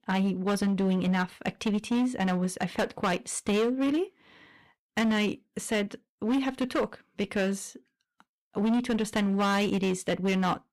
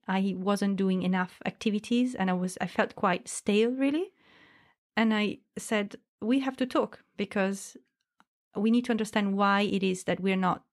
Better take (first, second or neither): second